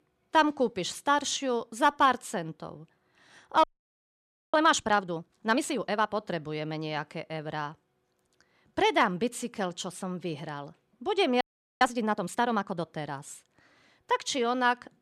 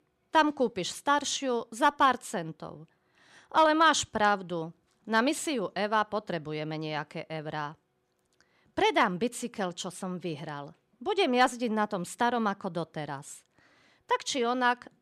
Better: second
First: audio freezing; at 3.5 s for 1 s and at 11 s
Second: none

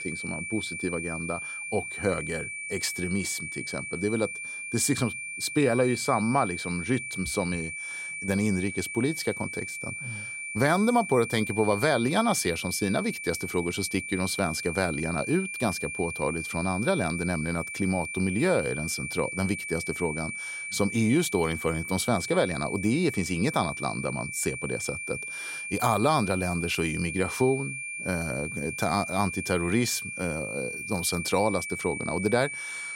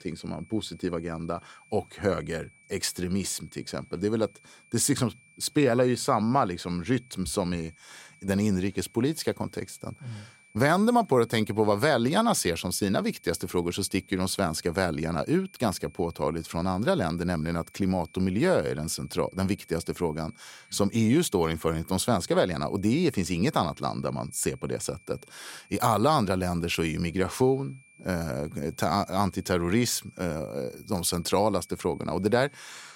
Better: second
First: high-pitched whine; loud; throughout; 2.5 kHz, 5 dB below the speech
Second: high-pitched whine; faint; throughout; 2.5 kHz, 30 dB below the speech

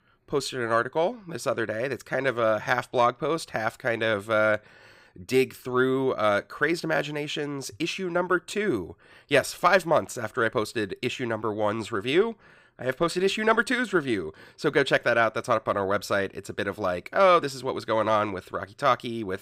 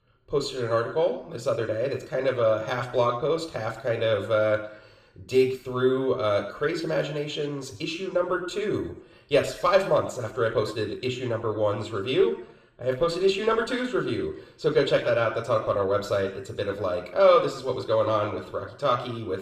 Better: first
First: none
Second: room echo; slight; dies away in 0.6 s // off-mic speech; somewhat distant

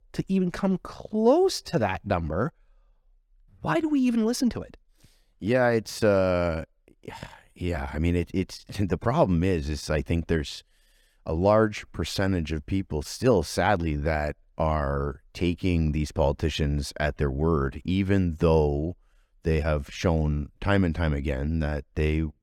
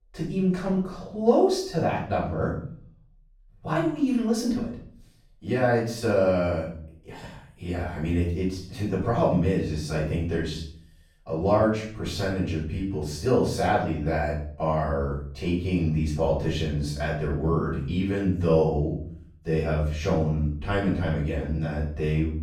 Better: first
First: none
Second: off-mic speech; far // room echo; noticeable; dies away in 0.5 s

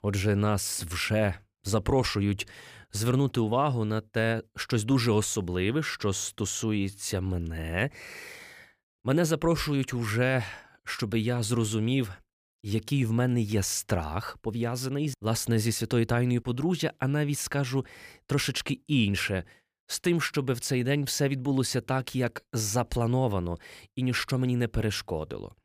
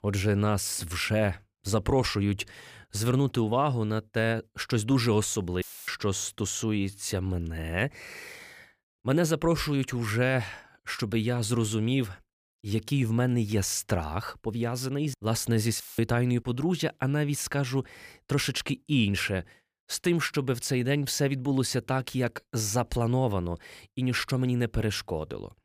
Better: first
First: none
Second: audio cutting out; filled with static; at 5.5 s and at 16 s

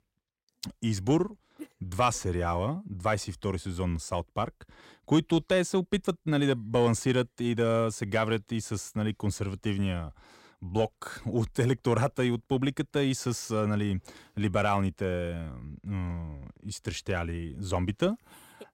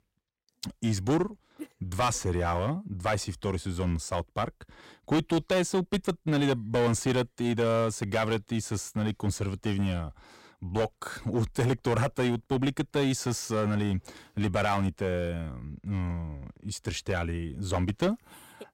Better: first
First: none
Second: distortion; slight; 6% of the sound clipped

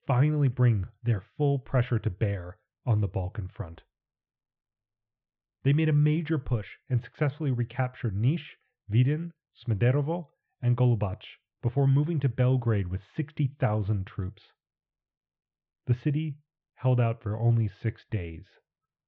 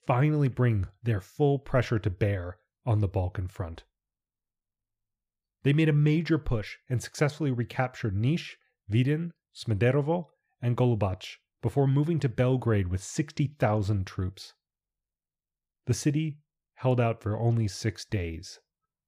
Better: second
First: muffled; very; fading above 3.5 kHz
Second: none

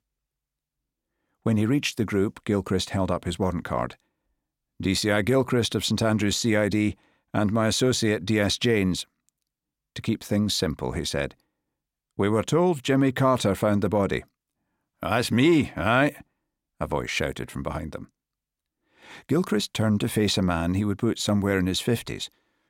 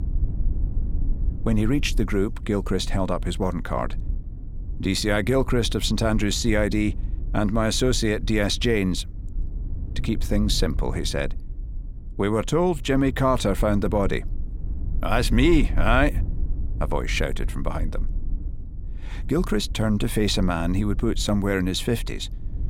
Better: first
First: none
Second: low rumble; faint; throughout; 20 dB below the speech

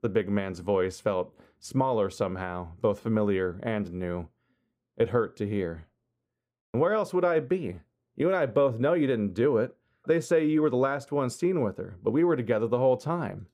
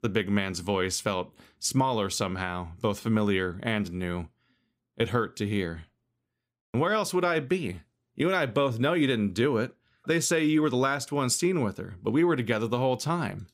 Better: second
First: muffled; very; fading above 2 kHz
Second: none

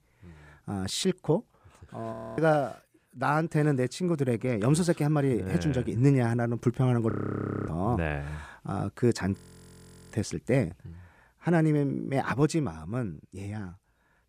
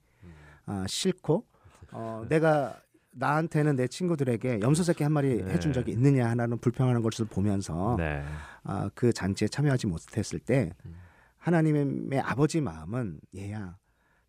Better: second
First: audio freezing; at 2 s, at 7 s for 0.5 s and at 9.5 s for 1 s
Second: none

